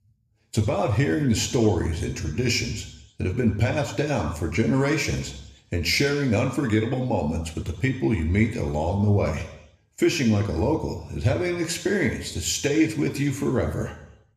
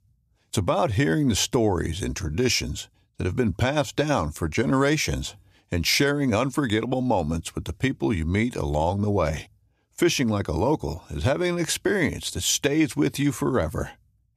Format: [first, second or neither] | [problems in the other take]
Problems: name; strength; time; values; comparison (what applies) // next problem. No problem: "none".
second | room echo; slight; dies away in 0.8 s